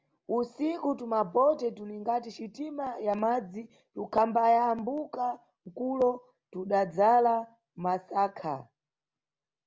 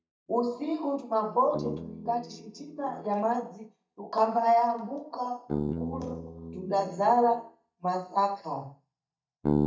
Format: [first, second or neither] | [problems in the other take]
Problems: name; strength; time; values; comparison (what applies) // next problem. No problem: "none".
first | noise reduction (neural mask model DeepFilterNet 3)